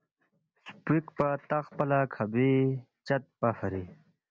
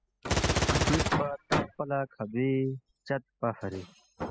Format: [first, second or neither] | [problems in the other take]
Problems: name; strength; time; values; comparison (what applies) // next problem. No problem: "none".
first | noise reduction (classical method spectral subtraction)